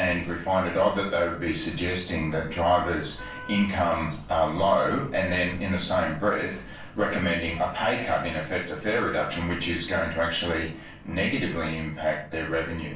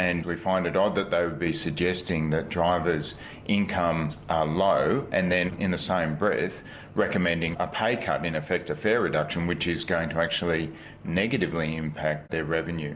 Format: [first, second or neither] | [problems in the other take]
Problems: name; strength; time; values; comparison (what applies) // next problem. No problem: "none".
second | background sound (Wind instrument, woodwind instrument); 18 dB below the speech // room echo; dies away in 0.3 s